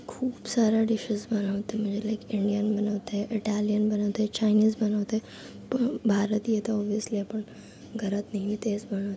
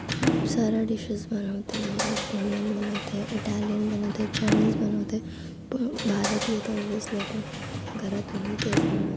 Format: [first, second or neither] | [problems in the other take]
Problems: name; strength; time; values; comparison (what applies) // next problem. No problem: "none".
first | background sound (Sliding door / Slam); 2 dB below the speech